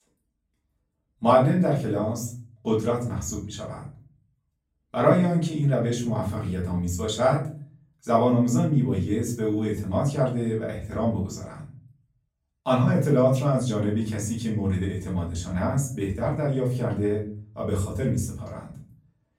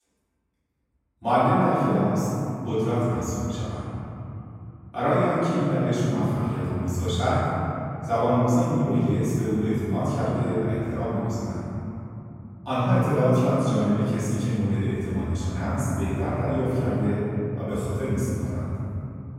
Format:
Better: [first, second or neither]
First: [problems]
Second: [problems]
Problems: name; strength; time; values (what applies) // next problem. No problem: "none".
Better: first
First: room echo; slight; dies away in 0.4 s // off-mic speech; far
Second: room echo; strong; dies away in 3 s // off-mic speech; far